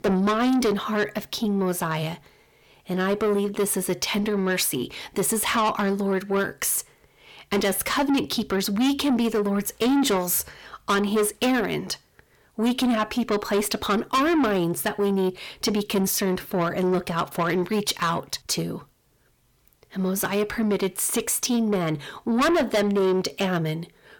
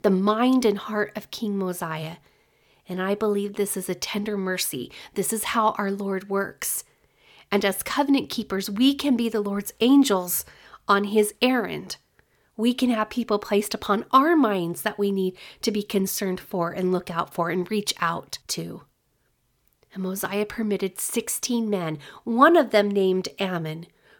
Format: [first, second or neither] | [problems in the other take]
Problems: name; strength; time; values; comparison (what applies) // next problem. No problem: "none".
second | distortion; heavy; 7 dB below the speech